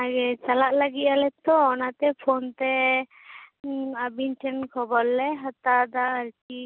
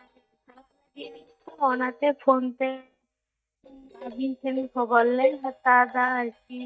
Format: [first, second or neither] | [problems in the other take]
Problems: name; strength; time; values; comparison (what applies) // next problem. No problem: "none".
first | noise reduction (neural mask model DeepFilterNet 3)